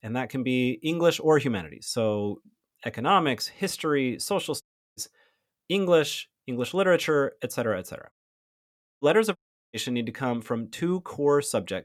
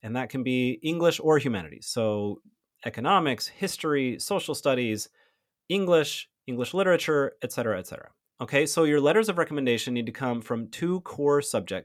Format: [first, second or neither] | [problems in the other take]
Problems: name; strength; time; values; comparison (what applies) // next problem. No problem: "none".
second | audio cutting out; at 4.5 s, at 8 s for 1 s and at 9.5 s